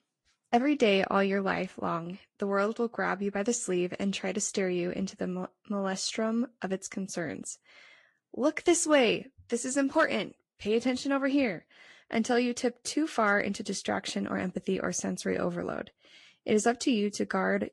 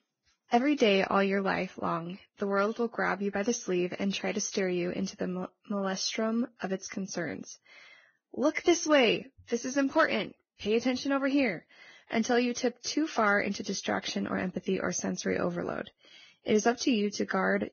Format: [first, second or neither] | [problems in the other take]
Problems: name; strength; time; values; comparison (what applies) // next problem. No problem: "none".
first | garbled, watery; badly; nothing above 6.5 kHz; slightly in the first